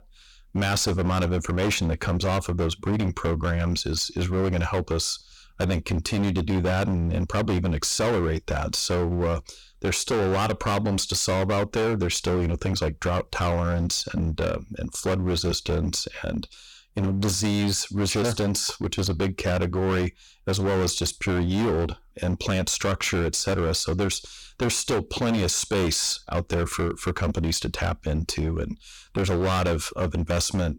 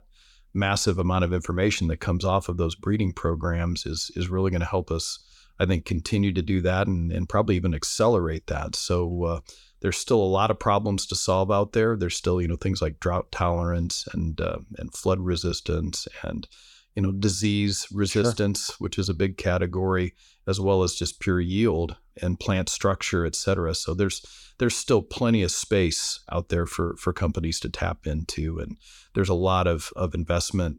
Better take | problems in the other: second | distortion; heavy; 23% of the sound clipped

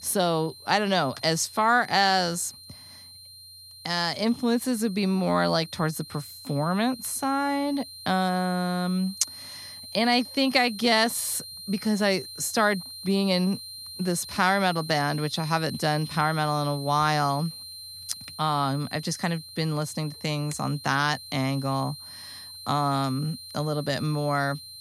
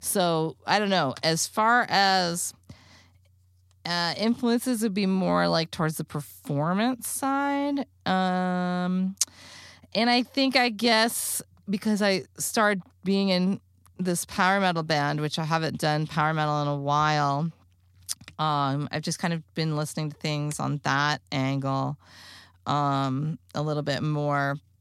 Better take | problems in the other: second | high-pitched whine; noticeable; throughout; 4 kHz, 15 dB below the speech

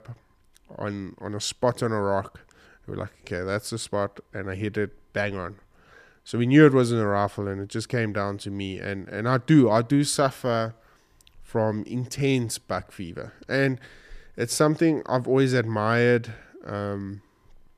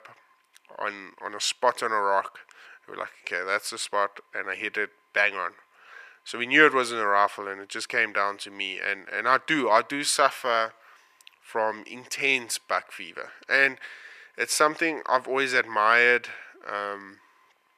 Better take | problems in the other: first | thin; very; fading below 600 Hz

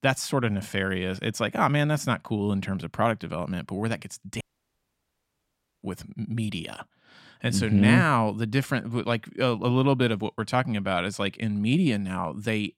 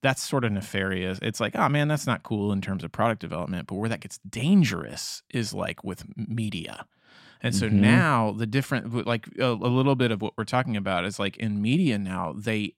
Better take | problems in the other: second | audio cutting out; at 4.5 s for 1.5 s

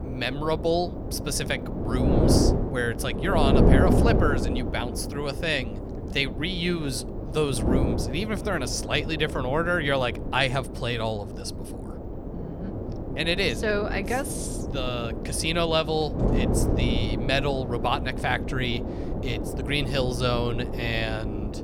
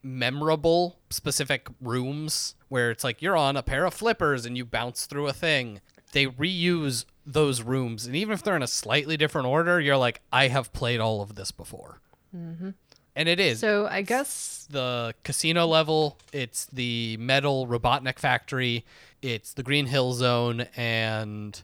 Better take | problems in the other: second | wind noise on the microphone; heavy; 6 dB below the speech

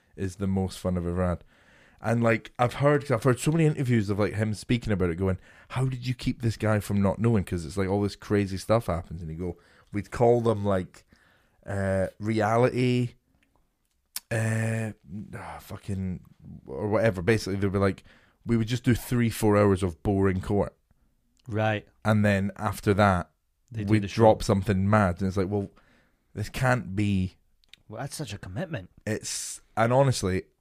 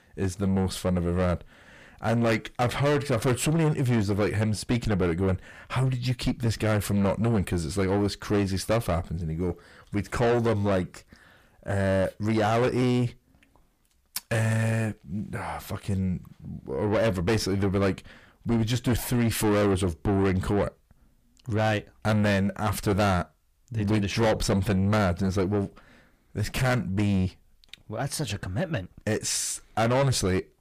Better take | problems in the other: first | distortion; heavy; 7 dB below the speech

